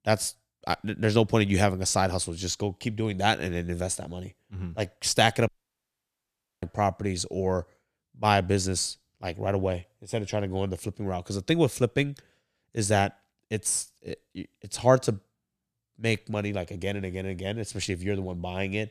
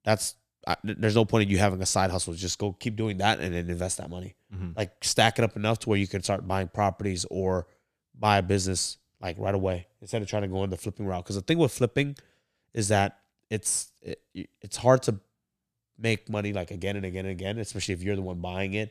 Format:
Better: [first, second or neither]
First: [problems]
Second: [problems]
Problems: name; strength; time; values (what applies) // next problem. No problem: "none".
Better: second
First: audio cutting out; at 5.5 s for 1 s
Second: none